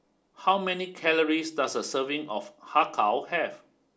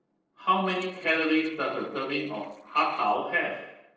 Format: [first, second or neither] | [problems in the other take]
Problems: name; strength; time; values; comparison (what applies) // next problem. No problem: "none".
first | noise reduction (neural separator model SepFormer DNS4)